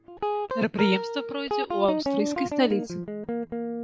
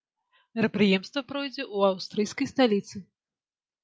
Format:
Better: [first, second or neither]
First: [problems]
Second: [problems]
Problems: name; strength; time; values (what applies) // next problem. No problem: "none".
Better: second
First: background sound (Guitar); 1 dB below the speech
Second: none